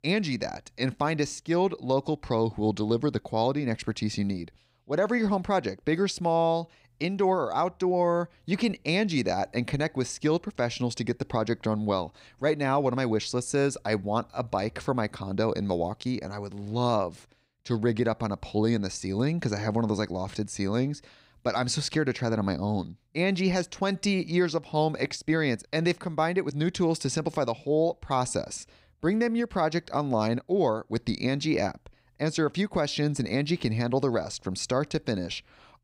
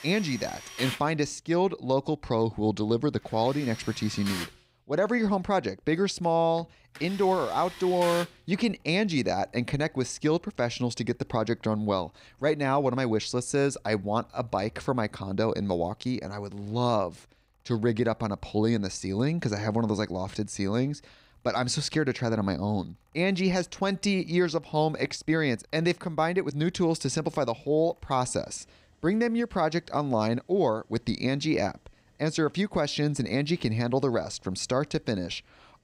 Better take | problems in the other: first | machinery noise; noticeable; throughout; 10 dB below the speech

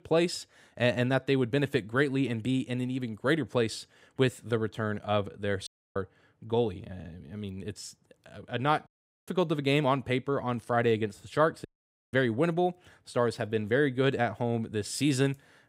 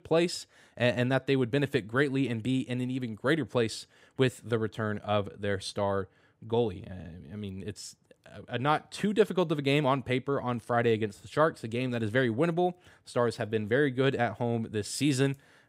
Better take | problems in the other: second | audio cutting out; at 5.5 s, at 9 s and at 12 s

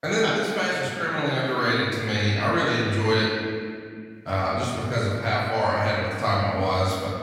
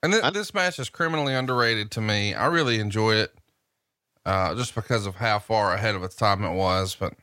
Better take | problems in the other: second | room echo; strong; dies away in 2 s // off-mic speech; far

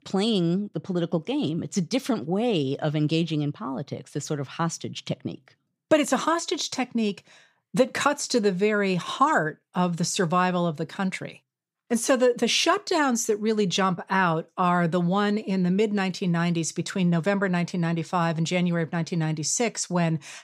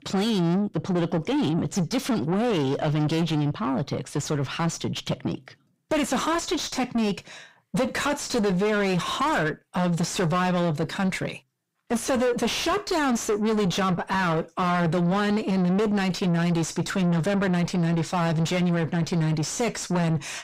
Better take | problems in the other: first | distortion; heavy; 6 dB below the speech

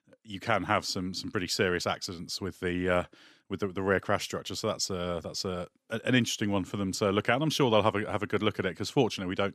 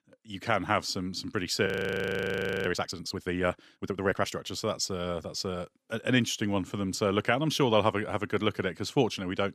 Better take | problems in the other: first | audio freezing; at 1.5 s for 1 s

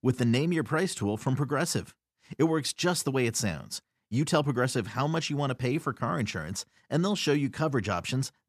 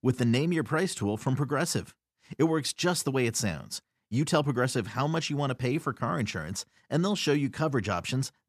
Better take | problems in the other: neither | none

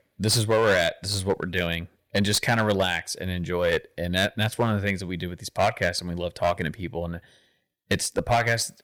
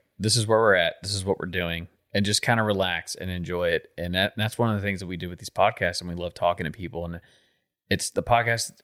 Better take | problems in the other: second | distortion; slight; 5% of the sound clipped

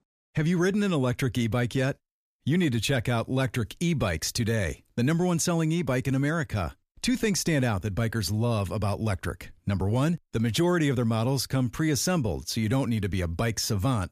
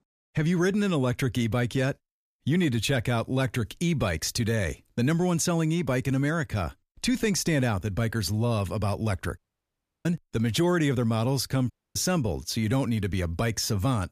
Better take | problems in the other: first | audio cutting out; at 9.5 s for 0.5 s and at 12 s

